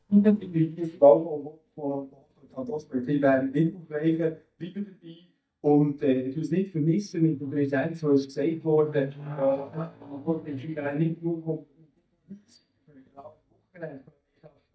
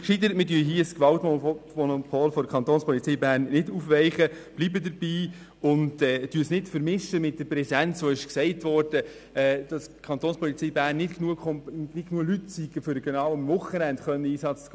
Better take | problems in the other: second | noise reduction (neural mask model DeepFilterNet 3)

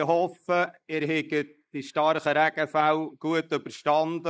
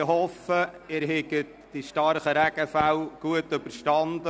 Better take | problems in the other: second | noise reduction (neural mask model Resemble Enhance denoiser)

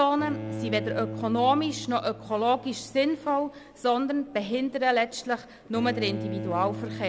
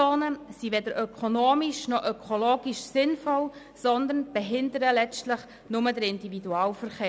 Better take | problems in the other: second | background sound (Bowed string instrument); 10 dB below the speech

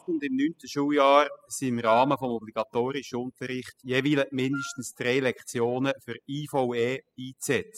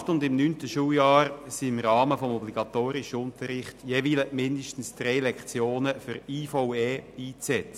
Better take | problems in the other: second | noise reduction (classical method spectral subtraction)

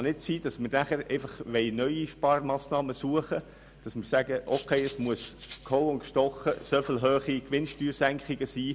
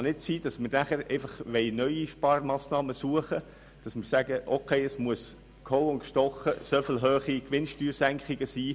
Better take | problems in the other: second | background sound (Rattle (instrument)); 19 dB below the speech

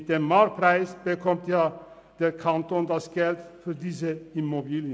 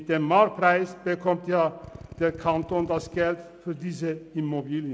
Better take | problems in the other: first | background sound (Drill); 17 dB below the speech

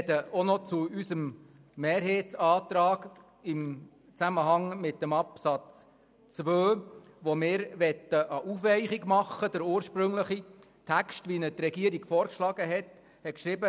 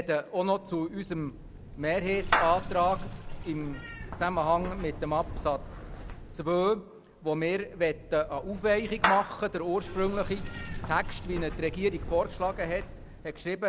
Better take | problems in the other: first | background sound (Sink (filling or washing) / Water + Meow / Clapping); 7 dB below the speech

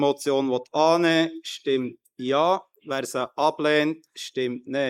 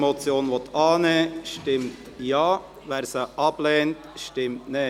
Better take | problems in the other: second | noise reduction (neural mask model Resemble Enhance denoiser)

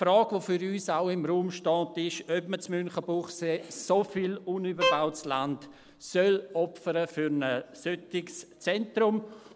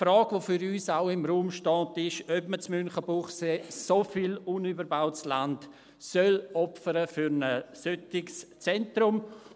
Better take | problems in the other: second | background sound (Bowed string instrument); 3 dB below the speech

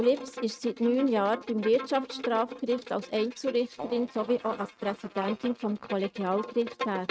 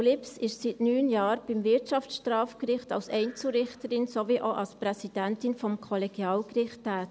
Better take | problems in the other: second | noise reduction (neural mask model RNNoise)

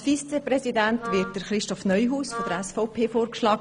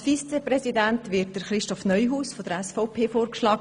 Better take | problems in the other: second | background sound (Wind instrument, woodwind instrument); 11 dB below the speech

